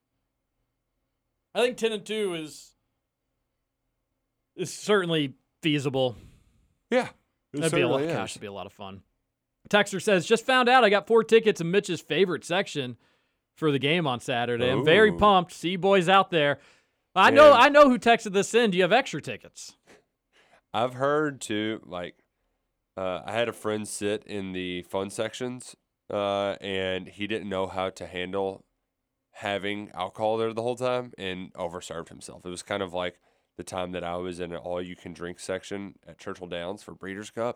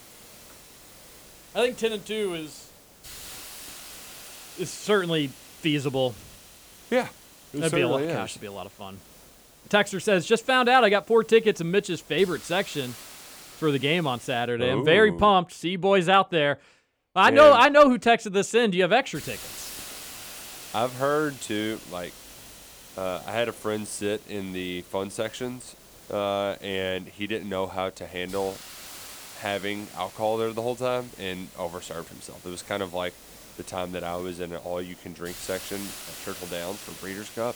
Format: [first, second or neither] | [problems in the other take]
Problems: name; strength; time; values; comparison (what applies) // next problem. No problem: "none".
first | hiss; noticeable; until 14 s and from 19 s on; 20 dB below the speech